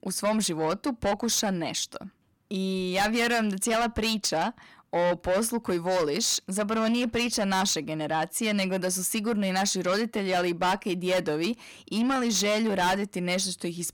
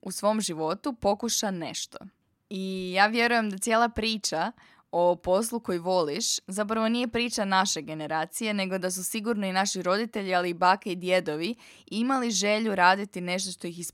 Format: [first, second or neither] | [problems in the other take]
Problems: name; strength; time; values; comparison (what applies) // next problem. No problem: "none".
second | distortion; heavy; 7 dB below the speech